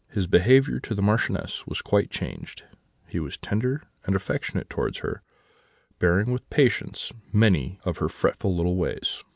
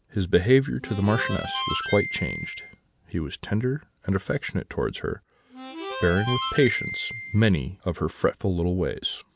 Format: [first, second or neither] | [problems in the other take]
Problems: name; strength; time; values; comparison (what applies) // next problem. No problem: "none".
first | background sound (Harmonica); 7 dB below the speech